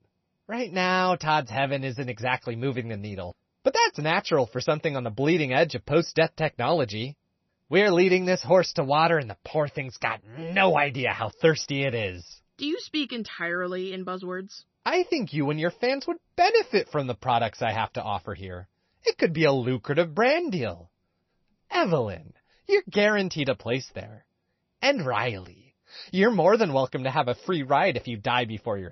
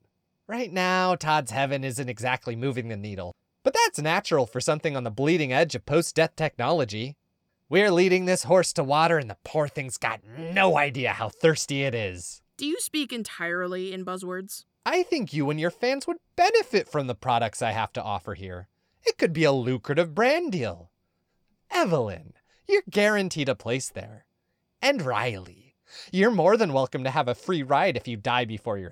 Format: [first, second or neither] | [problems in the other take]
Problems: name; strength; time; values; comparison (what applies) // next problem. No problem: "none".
second | garbled, watery; slightly; nothing above 6 kHz